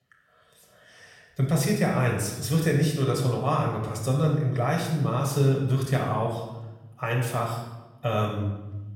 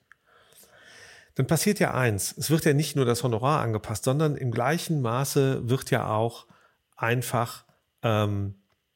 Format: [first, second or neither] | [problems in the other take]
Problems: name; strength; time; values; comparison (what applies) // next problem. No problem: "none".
second | off-mic speech; far // room echo; noticeable; dies away in 0.9 s